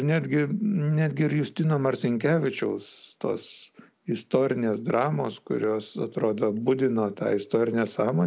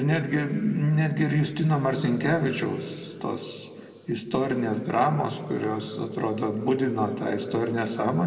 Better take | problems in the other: first | room echo; dies away in 2 s

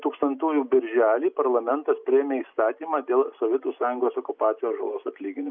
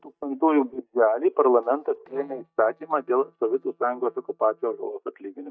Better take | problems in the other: first | noise reduction (neural mask model DeepFilterNet 3)

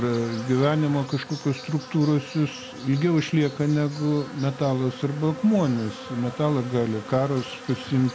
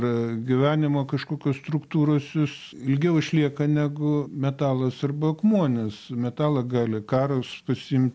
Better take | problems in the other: second | background sound (Insect); 15 dB below the speech

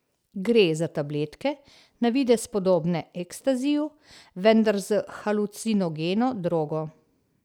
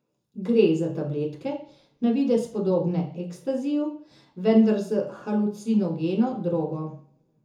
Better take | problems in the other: first | room echo; dies away in 0.6 s

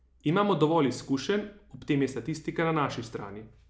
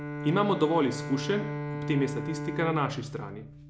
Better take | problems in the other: first | background sound (Bowed string instrument); 6 dB below the speech

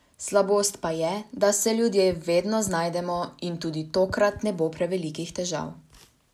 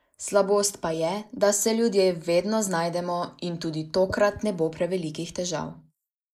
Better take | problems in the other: first | noise reduction (neural mask model Resemble Enhance denoiser)

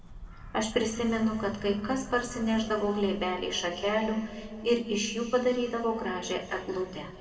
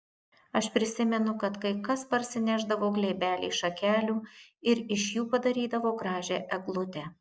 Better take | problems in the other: second | background sound (Bird vocalization, bird call, bird song); 17 dB below the speech // room echo; dies away in 2 s

